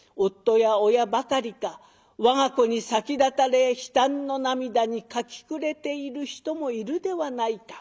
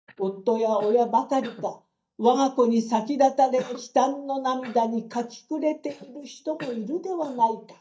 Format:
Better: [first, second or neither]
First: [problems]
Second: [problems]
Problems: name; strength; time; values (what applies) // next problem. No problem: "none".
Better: first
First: none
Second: noise reduction (neural mask model DeepFilterNet 3)